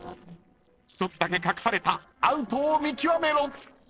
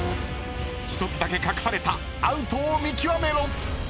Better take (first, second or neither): second